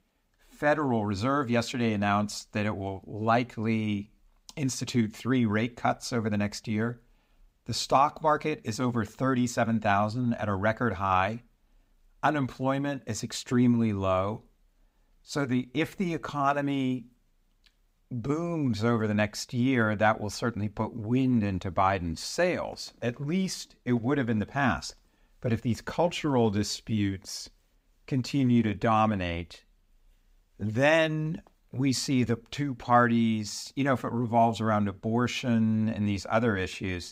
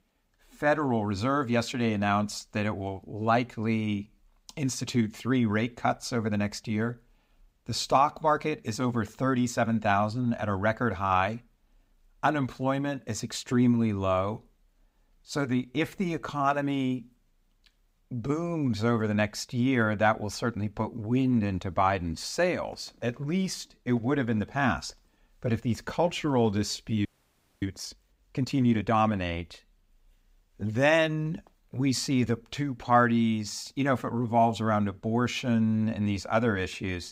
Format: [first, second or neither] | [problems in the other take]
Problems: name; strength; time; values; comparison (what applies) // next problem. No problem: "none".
first | audio freezing; at 27 s for 0.5 s